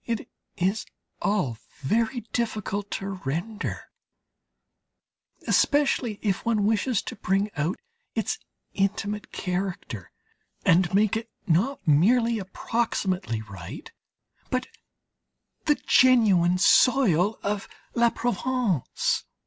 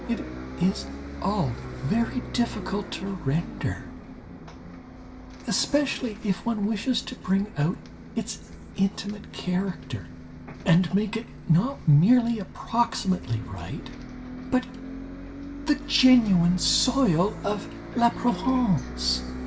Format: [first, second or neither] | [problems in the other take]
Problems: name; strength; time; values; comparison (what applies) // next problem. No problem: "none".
first | background sound (Bus); 12 dB below the speech // room echo; dies away in 0.7 s